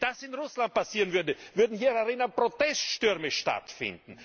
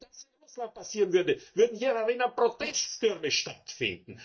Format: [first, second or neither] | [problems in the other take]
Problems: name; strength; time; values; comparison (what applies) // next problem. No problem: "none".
first | noise reduction (neural mask model DeepFilterNet 3)